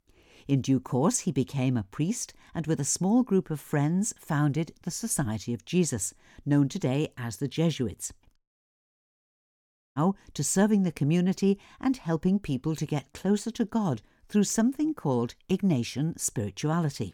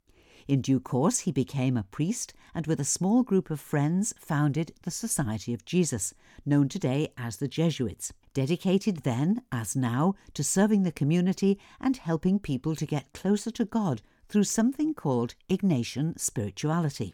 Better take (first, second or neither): second